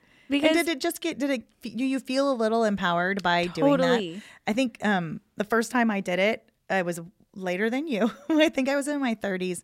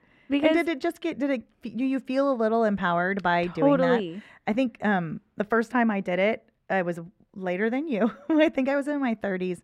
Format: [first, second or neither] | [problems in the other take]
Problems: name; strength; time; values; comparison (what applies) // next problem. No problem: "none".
first | muffled; slightly; fading above 3.5 kHz